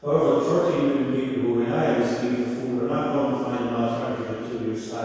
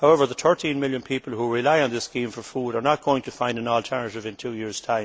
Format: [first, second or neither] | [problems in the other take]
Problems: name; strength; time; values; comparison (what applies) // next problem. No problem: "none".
second | room echo; dies away in 2 s